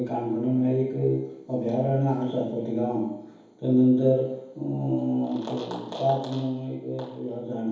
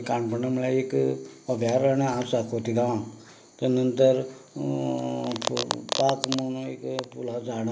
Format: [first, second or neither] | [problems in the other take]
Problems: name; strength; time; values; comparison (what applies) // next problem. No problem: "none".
second | room echo; dies away in 2.2 s